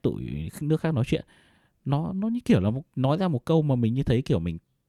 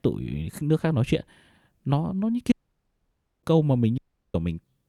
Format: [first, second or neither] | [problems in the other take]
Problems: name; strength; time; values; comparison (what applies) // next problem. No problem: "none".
first | audio cutting out; at 2.5 s for 1 s and at 4 s